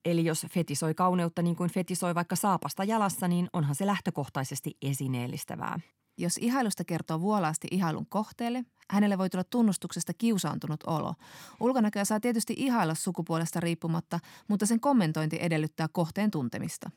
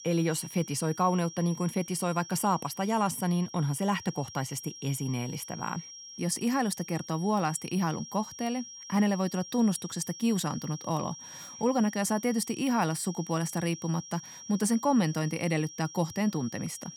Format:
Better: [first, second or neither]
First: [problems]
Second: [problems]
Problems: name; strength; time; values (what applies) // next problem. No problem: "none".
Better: first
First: none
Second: high-pitched whine; noticeable; throughout; 5.5 kHz, 15 dB below the speech